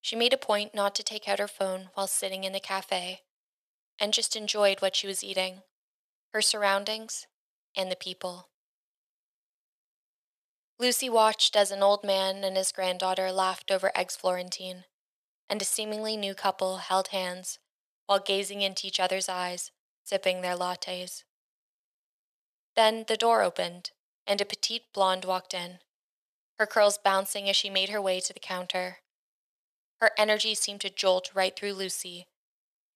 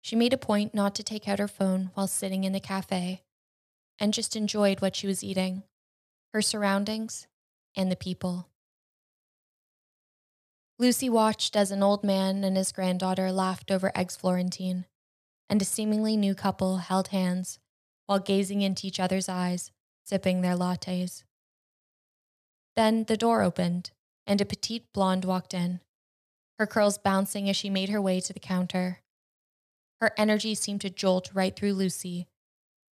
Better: second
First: thin; very; fading below 550 Hz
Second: none

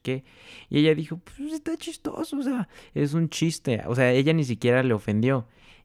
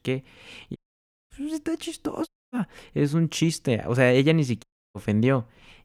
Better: first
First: none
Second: audio cutting out; at 1 s for 0.5 s, at 2.5 s and at 4.5 s

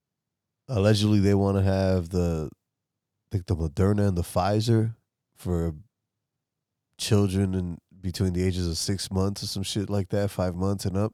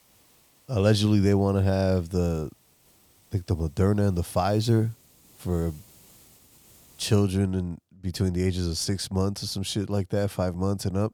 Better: first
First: none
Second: hiss; faint; until 7 s; 30 dB below the speech

